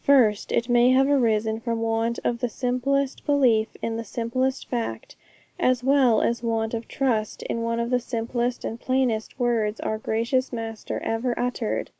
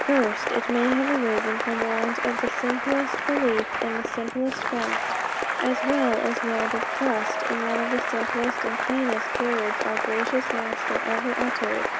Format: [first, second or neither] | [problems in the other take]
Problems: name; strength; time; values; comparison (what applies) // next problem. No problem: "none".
first | background sound (Applause / Cheering); as loud as the speech